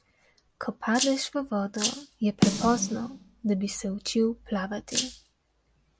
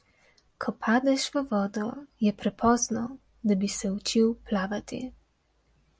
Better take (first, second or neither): second